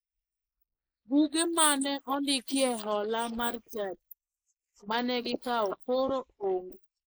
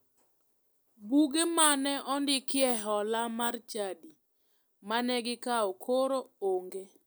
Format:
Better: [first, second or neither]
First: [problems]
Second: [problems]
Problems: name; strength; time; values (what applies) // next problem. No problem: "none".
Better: second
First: noise reduction (neural mask model Resemble Enhance denoiser)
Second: none